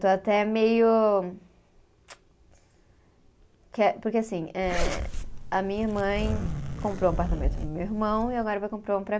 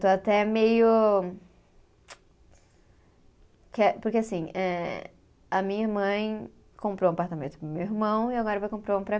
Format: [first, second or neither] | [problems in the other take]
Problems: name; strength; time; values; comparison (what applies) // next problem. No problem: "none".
second | background sound (Zipper (clothing)); 3 dB below the speech